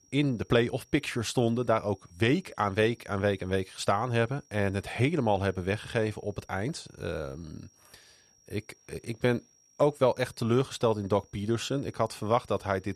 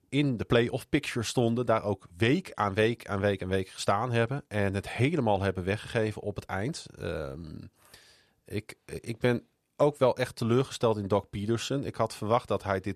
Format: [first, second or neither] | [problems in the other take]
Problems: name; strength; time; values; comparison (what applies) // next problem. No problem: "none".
second | high-pitched whine; faint; throughout; 5.5 kHz, 30 dB below the speech